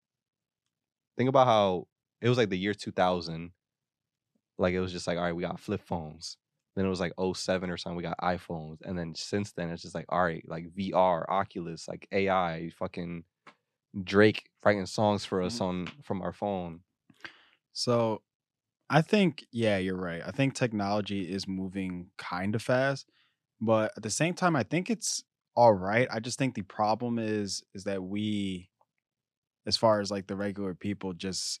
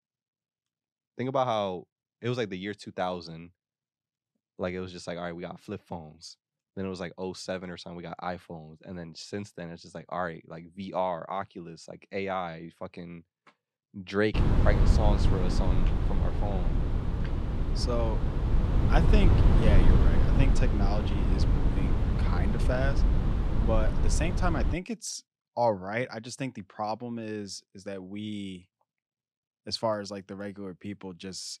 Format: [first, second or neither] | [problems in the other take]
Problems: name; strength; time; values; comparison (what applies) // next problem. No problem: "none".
first | wind noise on the microphone; heavy; from 14 to 25 s; 3 dB below the speech